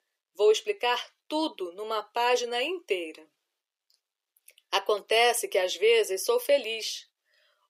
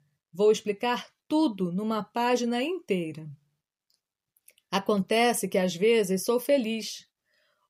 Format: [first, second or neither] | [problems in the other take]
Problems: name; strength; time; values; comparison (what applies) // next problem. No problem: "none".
second | thin; very; fading below 350 Hz